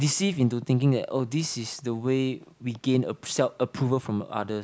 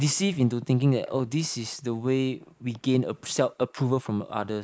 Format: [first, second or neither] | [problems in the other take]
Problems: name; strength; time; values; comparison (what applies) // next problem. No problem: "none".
first | noise reduction (neural mask model Resemble Enhance denoiser)